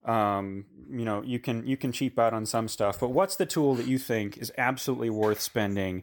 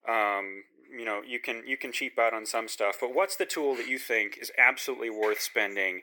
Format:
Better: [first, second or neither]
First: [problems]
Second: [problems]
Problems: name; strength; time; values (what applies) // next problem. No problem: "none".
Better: first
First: none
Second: thin; very; fading below 400 Hz